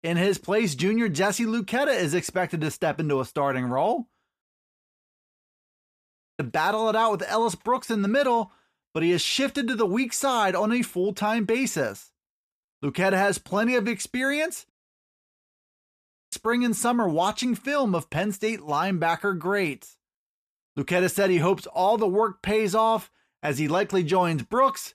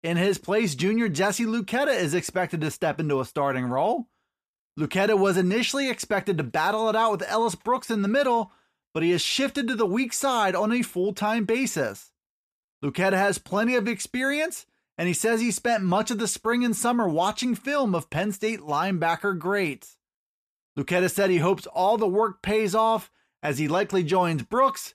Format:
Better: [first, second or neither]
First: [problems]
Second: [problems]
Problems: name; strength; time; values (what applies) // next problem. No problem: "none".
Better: second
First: audio cutting out; at 4.5 s for 2 s and at 15 s for 1.5 s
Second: none